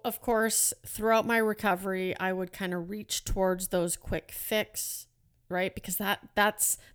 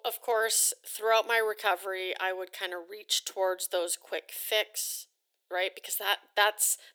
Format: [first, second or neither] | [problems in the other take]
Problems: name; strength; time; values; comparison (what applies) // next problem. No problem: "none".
first | thin; very; fading below 400 Hz